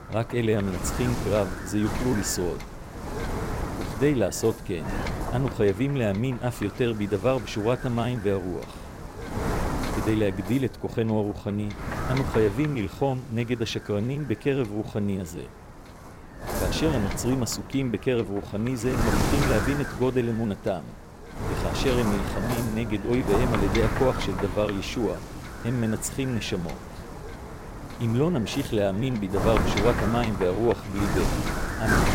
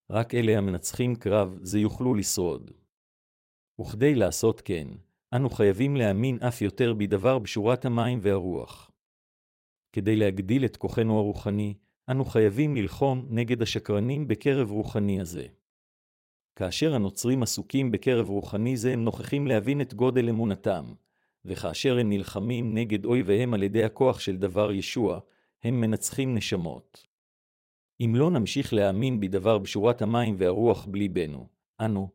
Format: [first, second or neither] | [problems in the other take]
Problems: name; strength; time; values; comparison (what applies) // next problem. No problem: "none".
second | wind noise on the microphone; heavy; 4 dB below the speech